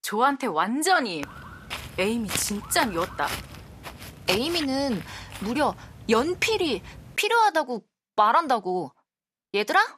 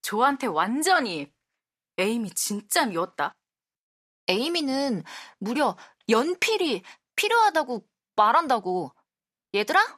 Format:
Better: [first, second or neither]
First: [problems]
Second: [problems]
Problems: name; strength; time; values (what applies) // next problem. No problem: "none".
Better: second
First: footsteps; noticeable; from 1 to 7 s; peak 6 dB below the speech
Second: none